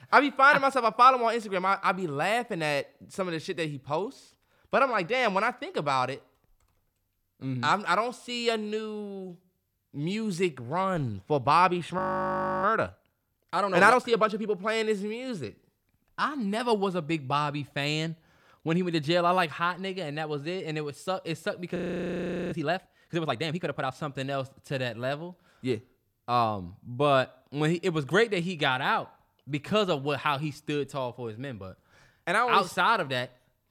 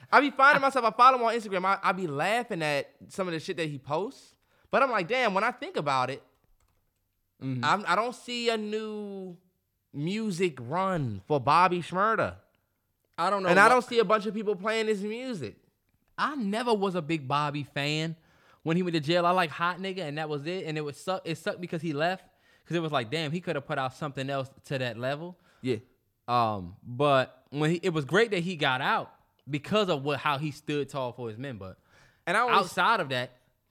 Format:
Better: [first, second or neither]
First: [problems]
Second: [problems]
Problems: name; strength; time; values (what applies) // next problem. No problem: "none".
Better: second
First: audio freezing; at 12 s for 0.5 s and at 22 s for 1 s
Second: none